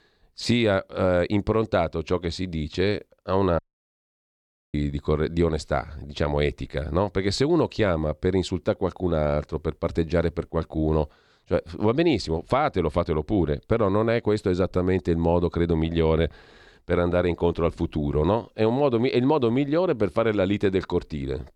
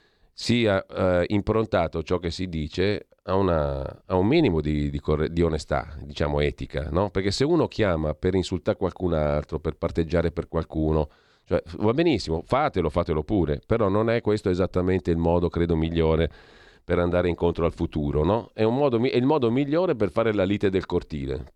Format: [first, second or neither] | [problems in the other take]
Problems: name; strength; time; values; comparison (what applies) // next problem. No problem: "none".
second | audio cutting out; at 3.5 s for 1 s